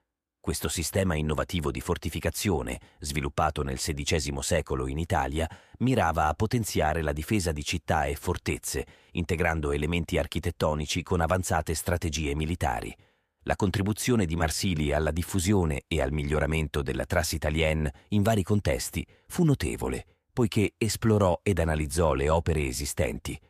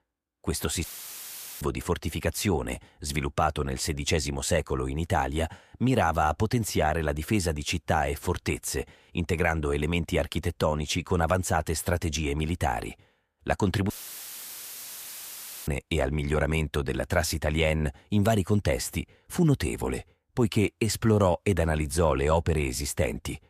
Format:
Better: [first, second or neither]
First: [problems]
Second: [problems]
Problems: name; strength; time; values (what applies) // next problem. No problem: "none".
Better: first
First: none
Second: audio cutting out; filled with static; at 1 s for 1 s and at 14 s for 2 s